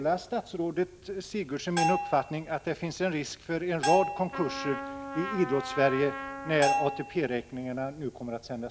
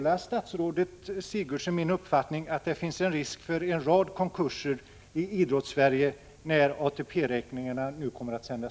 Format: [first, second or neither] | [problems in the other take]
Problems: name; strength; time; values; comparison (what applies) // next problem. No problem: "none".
second | background sound (Bell + Trumpet); 4 dB below the speech